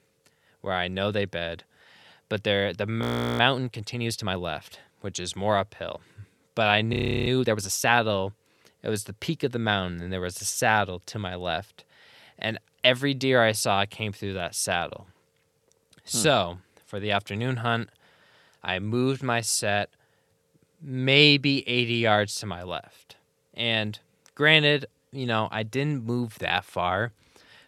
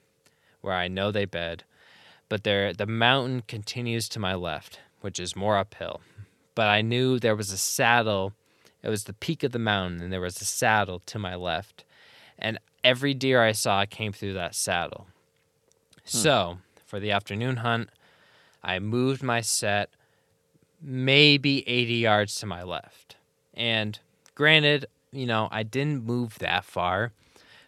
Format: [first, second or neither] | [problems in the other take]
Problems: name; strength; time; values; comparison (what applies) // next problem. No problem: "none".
second | audio freezing; at 3 s and at 7 s